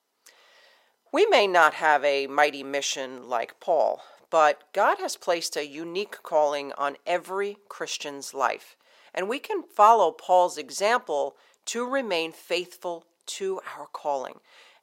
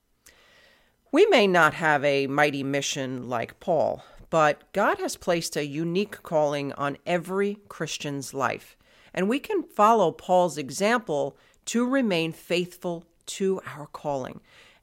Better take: second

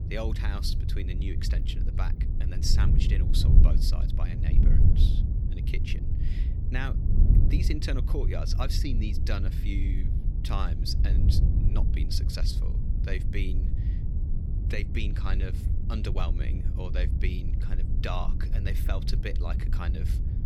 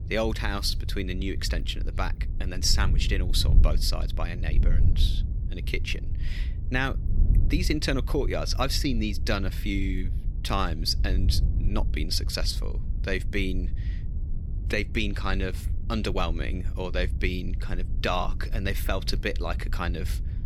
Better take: second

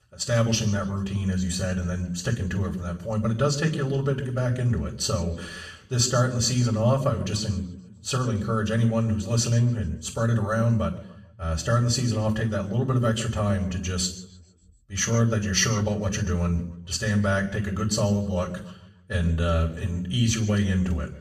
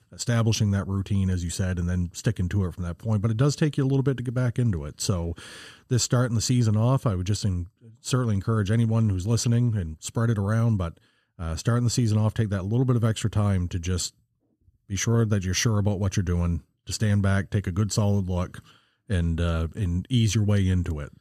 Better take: second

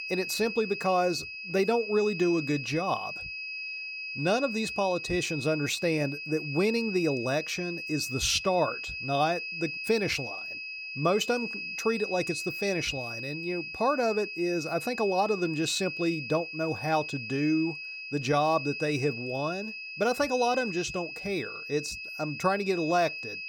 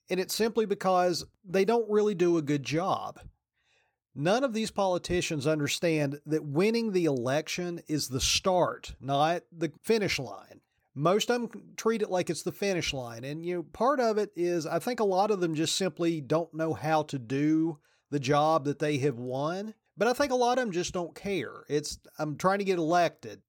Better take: second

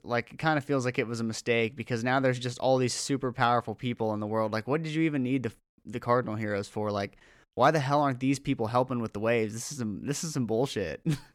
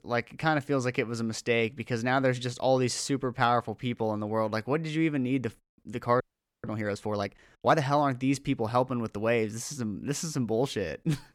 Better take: first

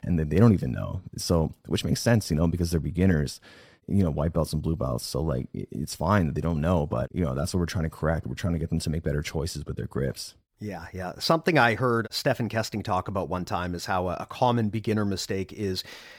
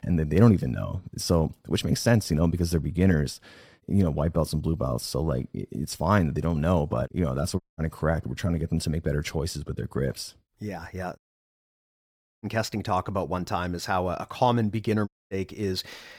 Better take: first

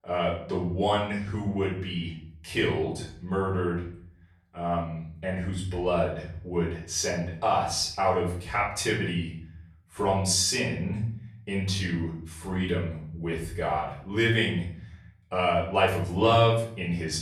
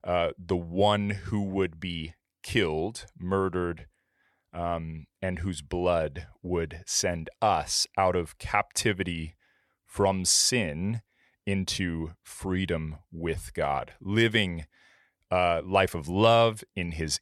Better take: second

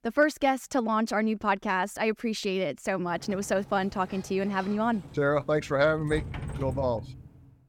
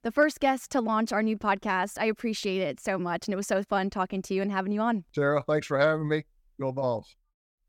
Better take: second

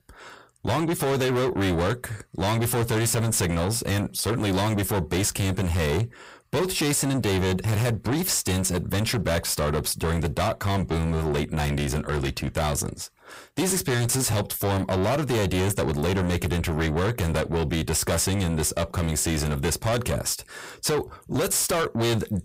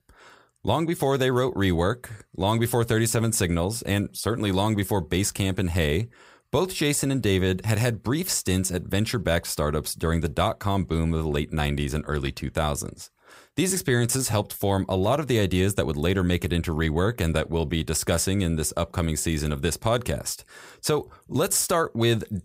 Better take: second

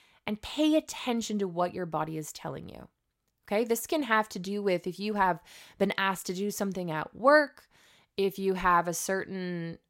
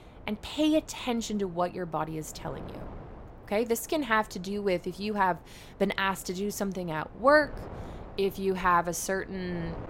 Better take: first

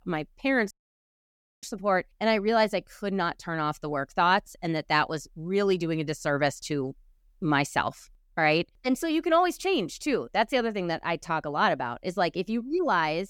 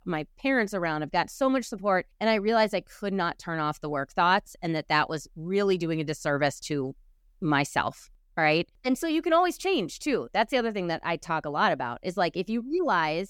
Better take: second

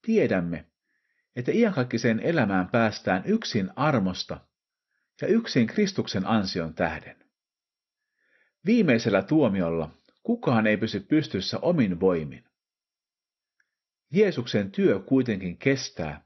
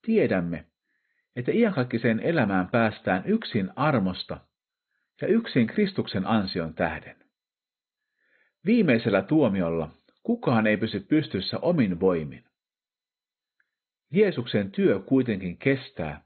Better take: first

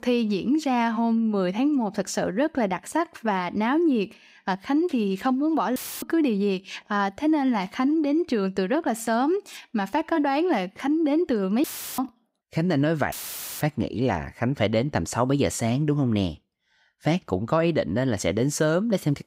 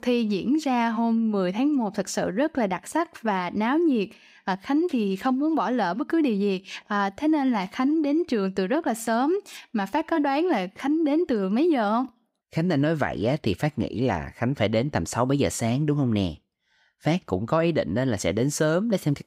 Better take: second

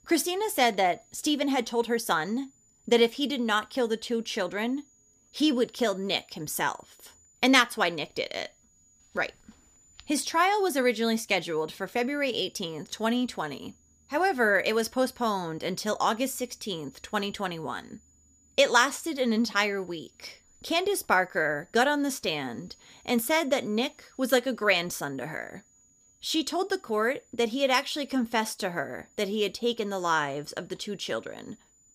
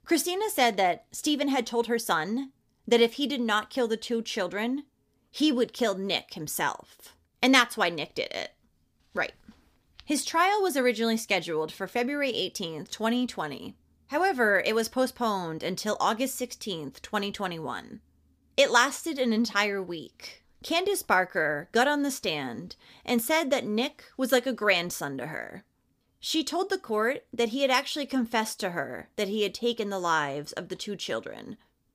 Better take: second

